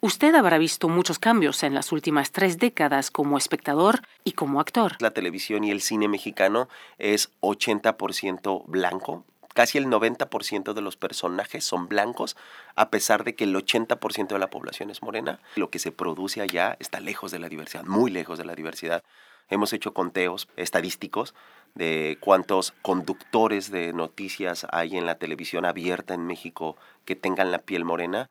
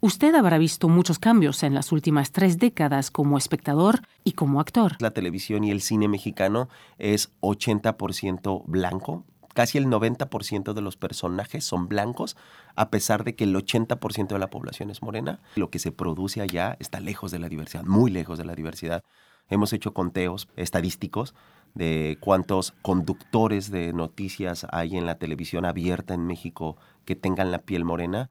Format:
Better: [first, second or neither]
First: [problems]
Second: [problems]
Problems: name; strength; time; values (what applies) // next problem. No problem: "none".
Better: second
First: thin; somewhat; fading below 350 Hz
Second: none